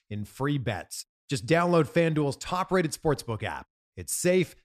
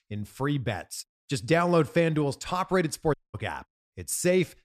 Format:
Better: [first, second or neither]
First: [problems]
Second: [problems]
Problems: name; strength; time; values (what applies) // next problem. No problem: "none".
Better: first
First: none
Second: audio cutting out; at 3 s